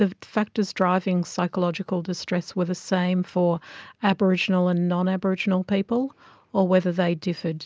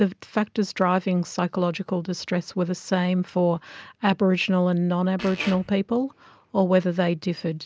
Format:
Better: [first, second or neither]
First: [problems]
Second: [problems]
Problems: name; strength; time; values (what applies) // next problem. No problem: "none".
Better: first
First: none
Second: background sound (Fart); 13 dB below the speech